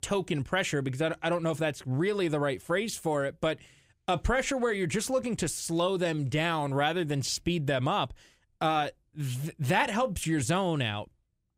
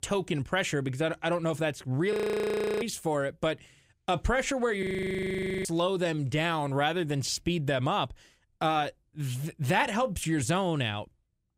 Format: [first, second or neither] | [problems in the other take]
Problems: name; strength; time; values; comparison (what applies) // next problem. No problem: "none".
first | audio freezing; at 2 s for 0.5 s and at 5 s for 1 s